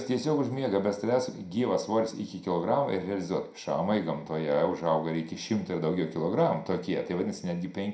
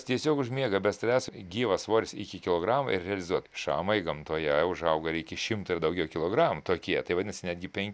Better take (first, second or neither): second